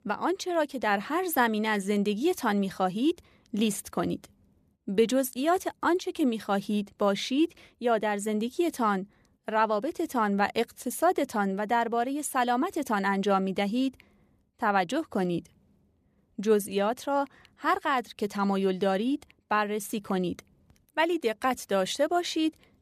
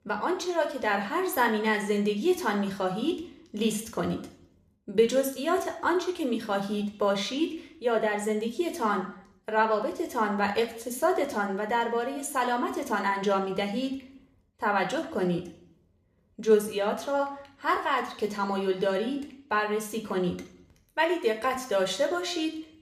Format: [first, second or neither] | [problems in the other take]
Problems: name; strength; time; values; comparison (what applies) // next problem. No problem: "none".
first | room echo; slight; dies away in 0.6 s